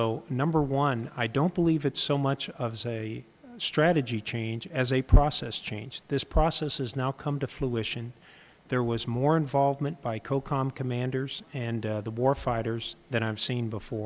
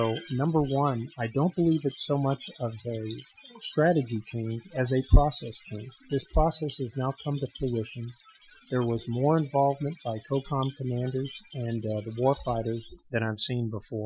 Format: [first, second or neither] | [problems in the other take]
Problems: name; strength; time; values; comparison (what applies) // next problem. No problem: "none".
first | noise reduction (classical method Wiener filter)